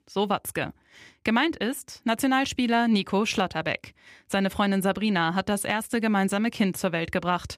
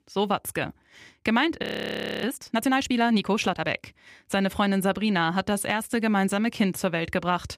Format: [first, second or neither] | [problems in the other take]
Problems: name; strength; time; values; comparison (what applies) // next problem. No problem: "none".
first | audio freezing; at 1.5 s for 0.5 s